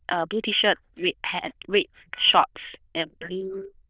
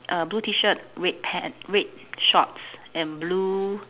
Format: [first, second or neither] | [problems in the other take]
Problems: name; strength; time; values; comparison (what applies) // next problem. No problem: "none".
second | noise reduction (neural diffusion model UNIVERSE++)